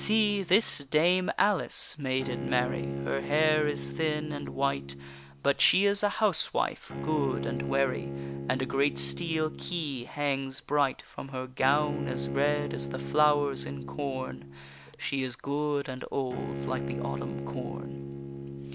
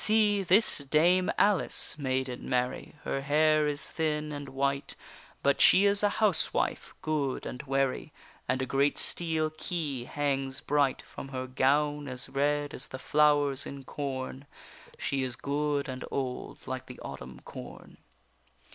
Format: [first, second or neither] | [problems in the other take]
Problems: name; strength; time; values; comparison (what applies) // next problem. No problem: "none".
second | background sound (Bowed string instrument); 7 dB below the speech